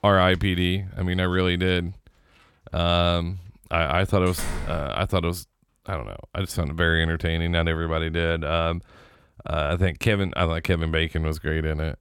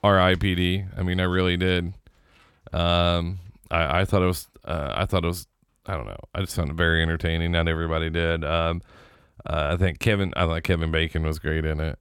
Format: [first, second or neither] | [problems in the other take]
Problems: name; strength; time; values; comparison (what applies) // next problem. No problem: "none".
second | door banging; noticeable; at 4.5 s; peak 8 dB below the speech